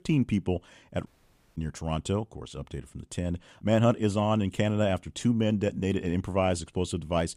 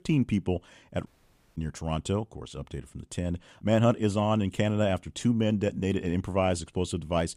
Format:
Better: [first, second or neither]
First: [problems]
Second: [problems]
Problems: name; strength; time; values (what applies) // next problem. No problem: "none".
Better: neither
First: audio cutting out; at 1 s for 0.5 s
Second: audio cutting out; at 1 s for 0.5 s